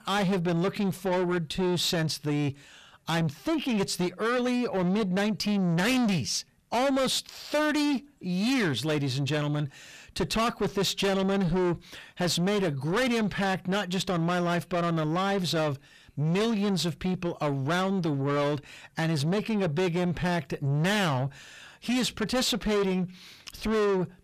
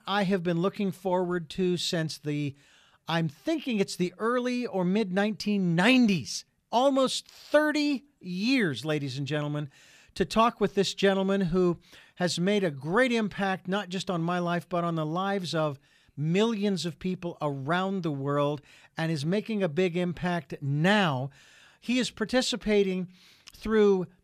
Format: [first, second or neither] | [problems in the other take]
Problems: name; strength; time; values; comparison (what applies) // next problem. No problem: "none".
second | distortion; heavy; 6 dB below the speech